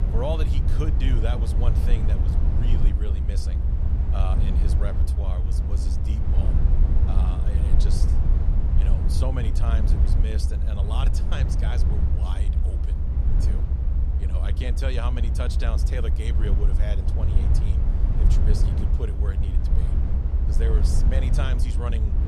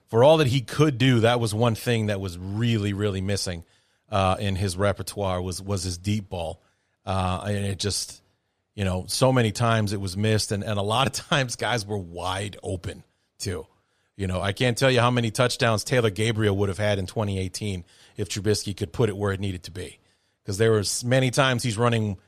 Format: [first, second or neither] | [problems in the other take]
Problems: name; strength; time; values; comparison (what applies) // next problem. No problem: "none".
second | low rumble; loud; throughout; 2 dB below the speech